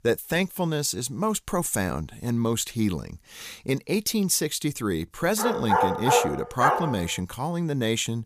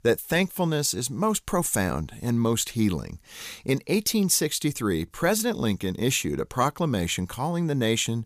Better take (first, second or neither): second